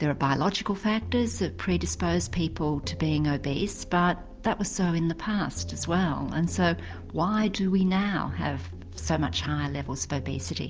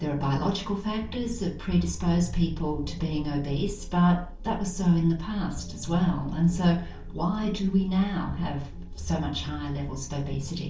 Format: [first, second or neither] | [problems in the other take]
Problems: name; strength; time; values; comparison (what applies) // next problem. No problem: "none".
first | room echo; dies away in 0.4 s